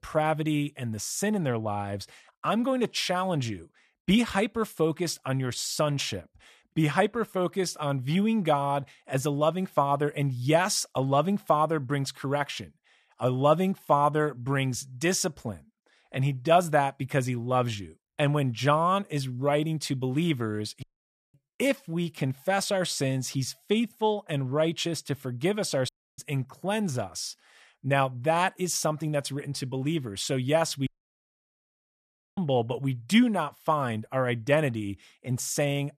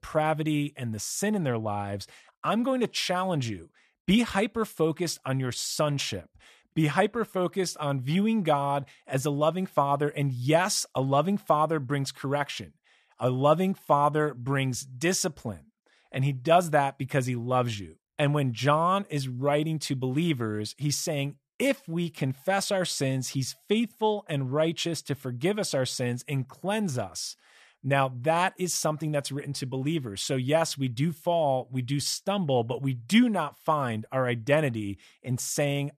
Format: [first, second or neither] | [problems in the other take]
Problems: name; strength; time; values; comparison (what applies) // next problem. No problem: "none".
second | audio cutting out; at 21 s for 0.5 s, at 26 s and at 31 s for 1.5 s